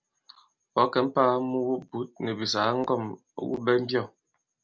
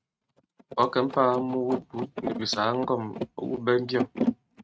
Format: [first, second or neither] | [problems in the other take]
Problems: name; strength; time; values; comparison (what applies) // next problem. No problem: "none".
first | noise reduction (neural mask model RNNoise)